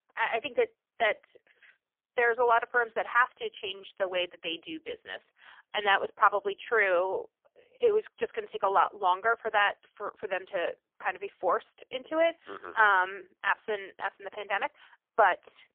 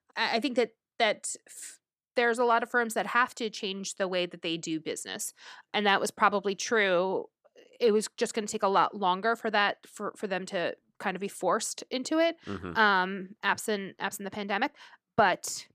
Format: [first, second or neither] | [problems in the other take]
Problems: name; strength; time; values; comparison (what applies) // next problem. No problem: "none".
second | phone-call audio; poor line; nothing above 3.5 kHz